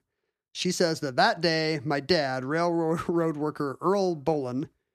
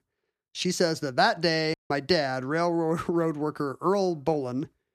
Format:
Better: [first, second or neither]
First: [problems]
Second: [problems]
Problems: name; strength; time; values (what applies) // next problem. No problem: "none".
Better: first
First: none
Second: audio cutting out; at 1.5 s